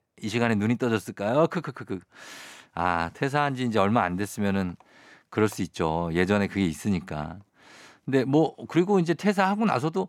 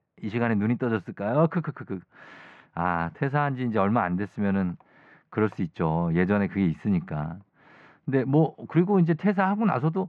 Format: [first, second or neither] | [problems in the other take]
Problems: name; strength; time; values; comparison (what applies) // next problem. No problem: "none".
first | muffled; very; fading above 2 kHz